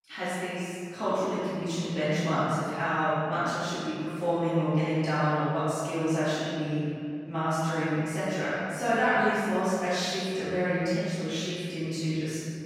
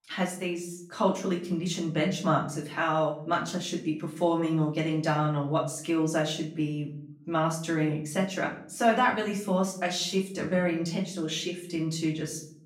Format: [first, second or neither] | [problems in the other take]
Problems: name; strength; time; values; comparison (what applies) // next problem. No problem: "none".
second | room echo; strong; dies away in 2.6 s; slight in the second // off-mic speech; far; far in the second